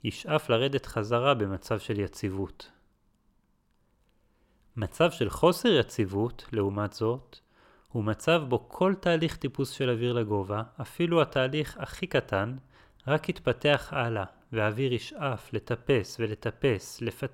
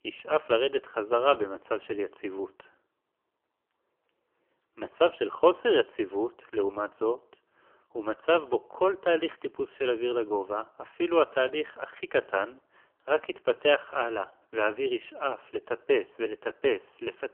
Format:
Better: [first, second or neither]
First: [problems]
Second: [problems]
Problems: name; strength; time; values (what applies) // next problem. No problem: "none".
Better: first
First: none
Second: phone-call audio; poor line; nothing above 3 kHz